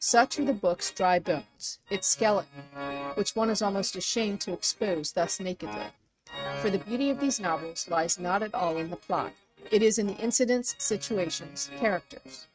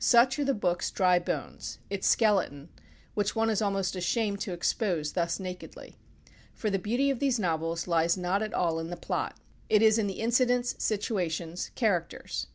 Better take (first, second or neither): second